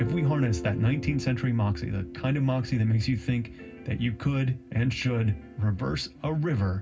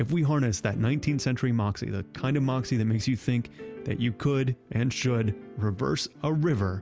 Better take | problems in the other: second | background sound (Guitar); 14 dB below the speech // room echo; dies away in 0.4 s

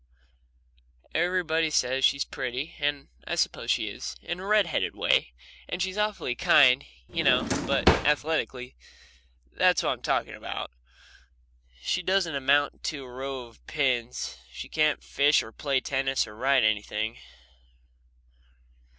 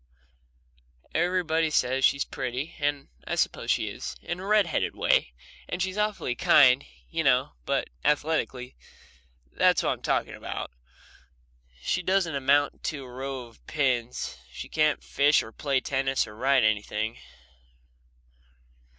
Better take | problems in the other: second | background sound (Drawer open or close); 2 dB above the speech

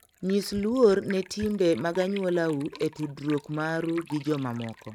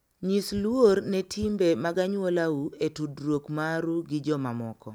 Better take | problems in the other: second | noise reduction (neural mask model RNNoise)

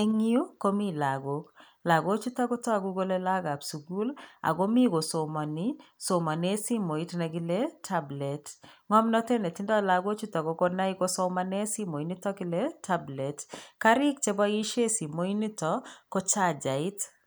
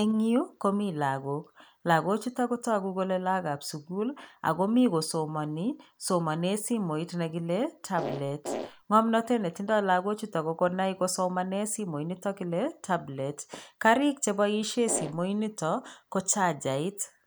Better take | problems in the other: first | background sound (Fart); 7 dB below the speech

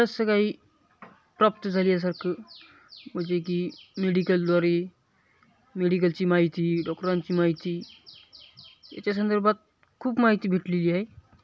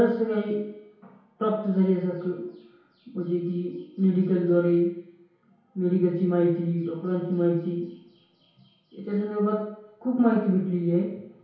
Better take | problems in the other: first | room echo; dies away in 1 s

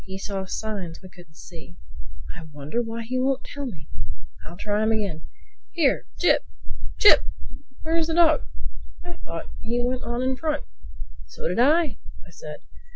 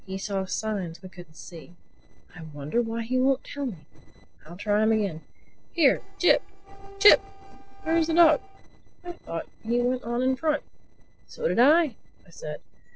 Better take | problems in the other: first | noise reduction (neural separator model SepFormer DNS4)

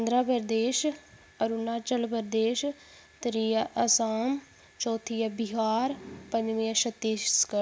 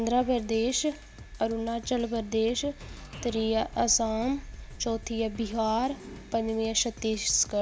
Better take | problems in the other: first | background sound (Drum kit); 15 dB below the speech

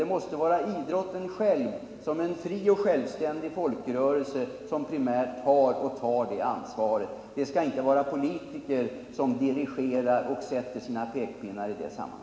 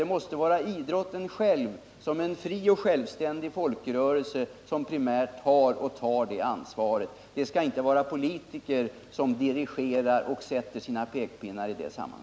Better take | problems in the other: second | room echo; dies away in 2.4 s

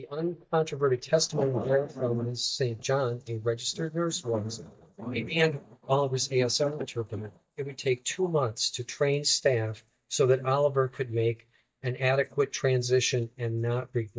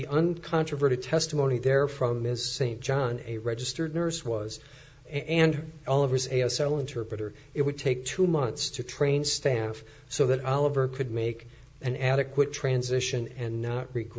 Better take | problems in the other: second | noise reduction (neural mask model DeepFilterNet 3)

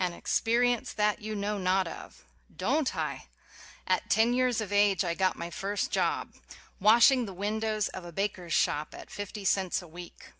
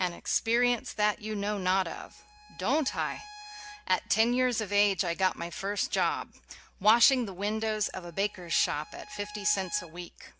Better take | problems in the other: first | background sound (Bowed string instrument); 20 dB below the speech

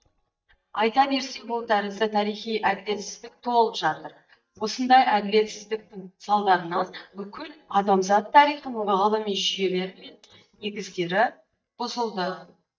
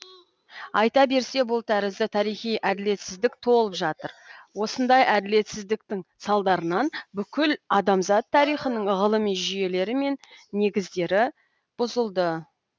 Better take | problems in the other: second | noise reduction (neural mask model DeepFilterNet 3)

